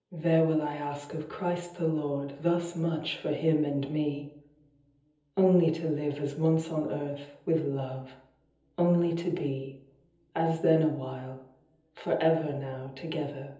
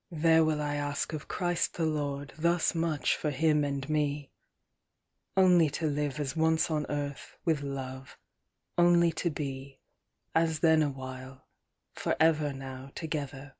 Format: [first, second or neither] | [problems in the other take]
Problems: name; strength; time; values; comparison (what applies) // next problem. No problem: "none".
second | room echo; dies away in 0.7 s